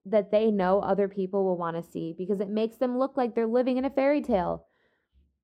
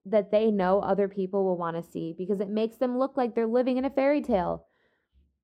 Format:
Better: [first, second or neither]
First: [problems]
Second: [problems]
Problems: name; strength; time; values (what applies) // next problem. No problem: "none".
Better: neither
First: muffled; very; fading above 1 kHz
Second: muffled; very; fading above 1 kHz